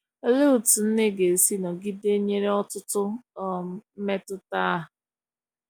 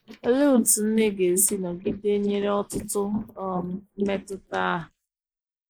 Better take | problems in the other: first | noise reduction (neural mask model Resemble Enhance denoiser)

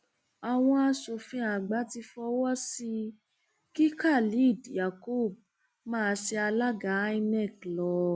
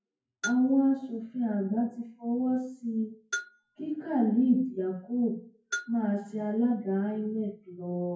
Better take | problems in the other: first | noise reduction (classical method WPE with log-MMSE)

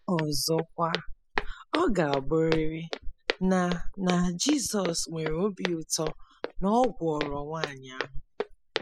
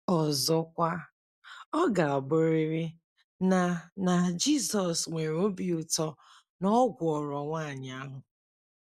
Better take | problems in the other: second | noise reduction (classical method spectral subtraction)

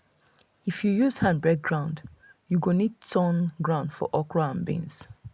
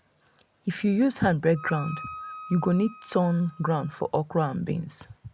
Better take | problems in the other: first | background sound (Wind instrument, woodwind instrument); 16 dB below the speech

